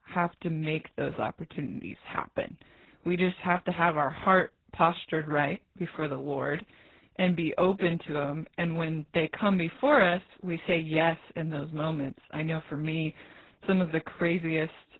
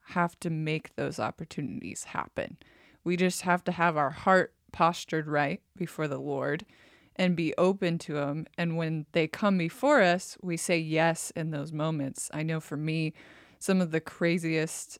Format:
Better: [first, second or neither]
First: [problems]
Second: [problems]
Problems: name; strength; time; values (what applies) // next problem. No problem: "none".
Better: second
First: garbled, watery; badly; nothing above 4 kHz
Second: none